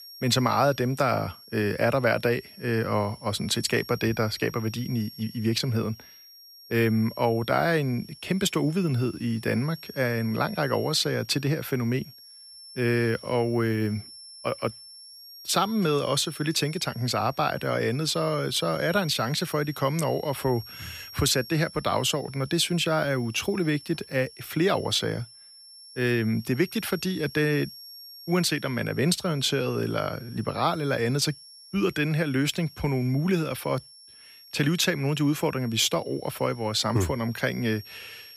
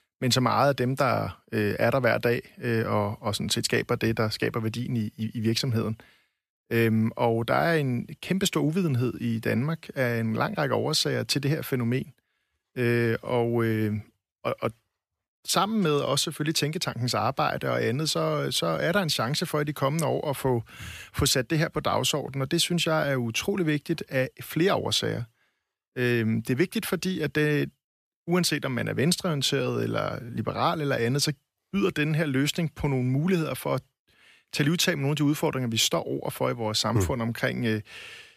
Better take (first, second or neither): second